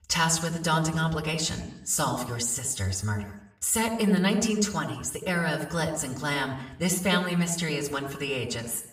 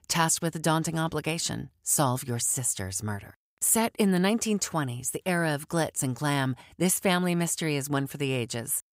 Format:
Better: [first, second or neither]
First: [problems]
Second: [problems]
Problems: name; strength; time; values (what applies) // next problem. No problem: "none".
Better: second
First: room echo; slight; dies away in 0.7 s // off-mic speech; somewhat distant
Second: none